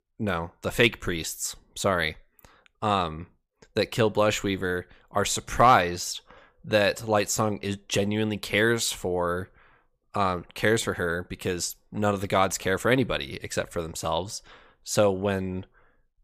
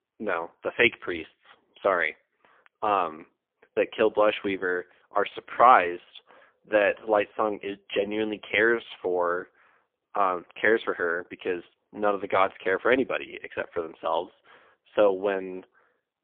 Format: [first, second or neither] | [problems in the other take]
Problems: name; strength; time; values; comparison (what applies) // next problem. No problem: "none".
first | phone-call audio; poor line; nothing above 3.5 kHz